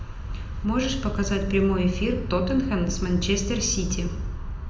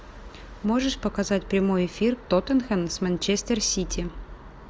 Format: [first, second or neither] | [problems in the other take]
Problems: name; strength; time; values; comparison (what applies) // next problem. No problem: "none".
second | background sound (Wind); 5 dB below the speech // room echo; dies away in 0.7 s